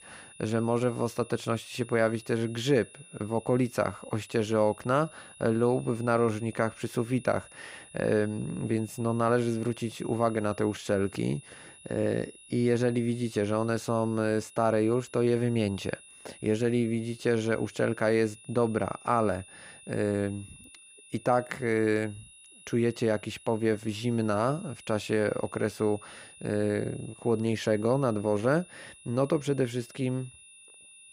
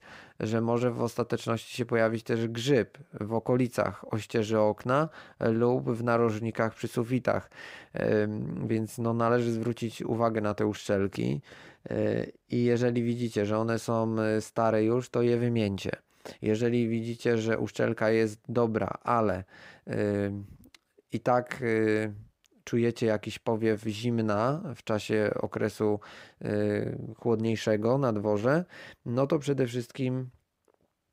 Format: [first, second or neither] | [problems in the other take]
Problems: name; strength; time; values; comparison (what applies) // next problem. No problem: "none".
second | high-pitched whine; faint; throughout; 10 kHz, 20 dB below the speech